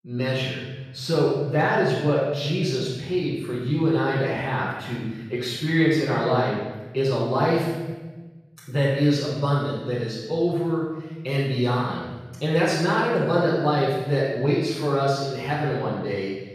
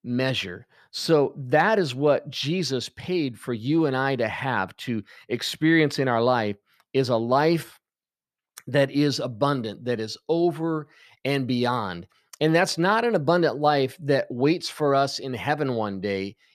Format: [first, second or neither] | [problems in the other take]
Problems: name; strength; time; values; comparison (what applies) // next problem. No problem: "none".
second | off-mic speech; far // room echo; strong; dies away in 1.2 s